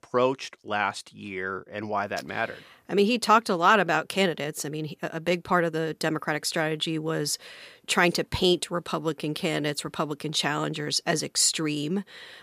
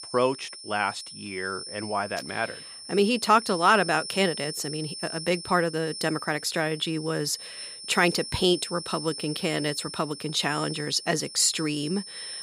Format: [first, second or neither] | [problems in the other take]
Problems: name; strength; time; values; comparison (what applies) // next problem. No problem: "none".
first | high-pitched whine; loud; throughout; 5.5 kHz, 10 dB below the speech